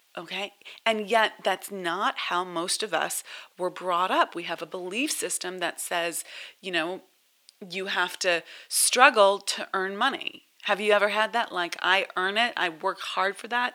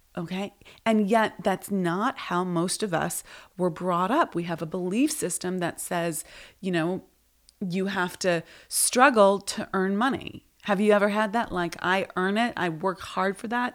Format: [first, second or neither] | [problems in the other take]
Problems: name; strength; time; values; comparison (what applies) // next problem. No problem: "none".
second | thin; somewhat; fading below 450 Hz